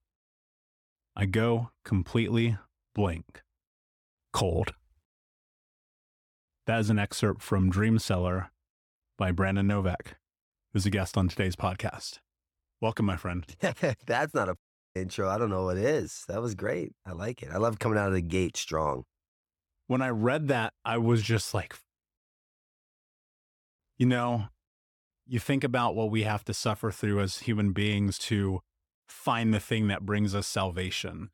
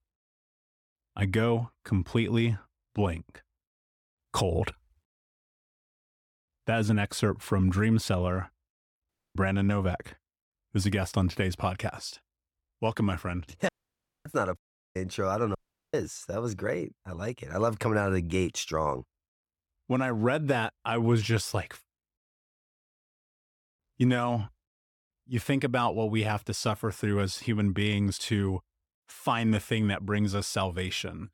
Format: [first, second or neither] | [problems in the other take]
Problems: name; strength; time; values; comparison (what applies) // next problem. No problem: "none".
first | audio cutting out; at 9 s, at 14 s for 0.5 s and at 16 s